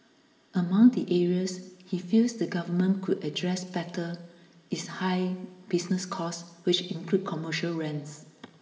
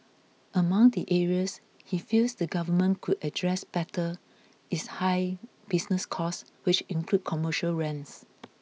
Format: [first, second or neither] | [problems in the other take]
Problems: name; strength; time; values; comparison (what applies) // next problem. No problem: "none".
second | room echo; dies away in 1.1 s